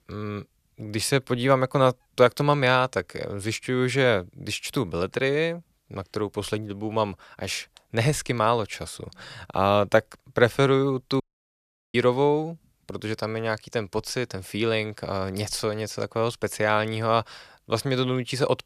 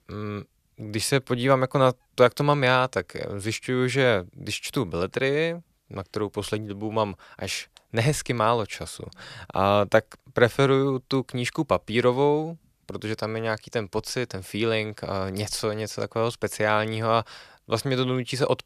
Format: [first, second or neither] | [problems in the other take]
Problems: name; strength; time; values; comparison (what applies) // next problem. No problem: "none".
second | audio cutting out; at 11 s for 0.5 s